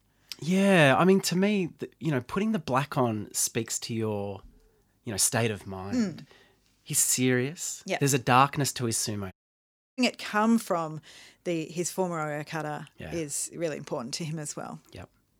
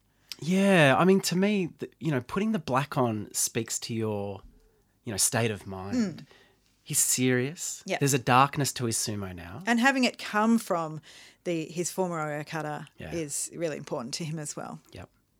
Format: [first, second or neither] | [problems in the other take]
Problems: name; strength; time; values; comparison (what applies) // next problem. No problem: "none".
second | audio cutting out; at 9.5 s for 0.5 s